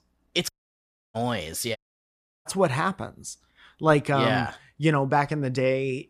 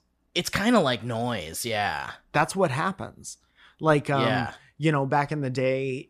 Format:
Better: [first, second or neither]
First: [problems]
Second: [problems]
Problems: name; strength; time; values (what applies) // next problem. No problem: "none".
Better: second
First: audio cutting out; at 0.5 s for 0.5 s and at 2 s for 0.5 s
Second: none